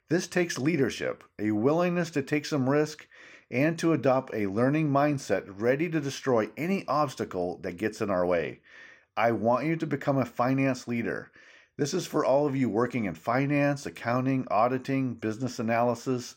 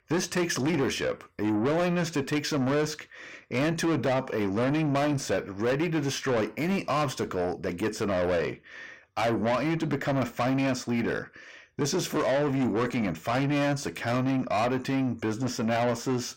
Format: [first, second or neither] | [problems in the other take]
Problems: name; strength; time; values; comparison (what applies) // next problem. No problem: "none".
first | distortion; heavy; 7 dB below the speech